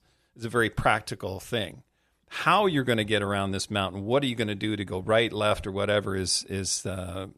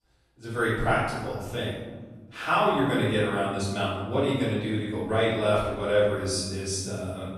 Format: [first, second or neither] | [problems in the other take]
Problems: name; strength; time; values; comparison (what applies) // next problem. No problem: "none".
first | off-mic speech; far // room echo; strong; dies away in 1.3 s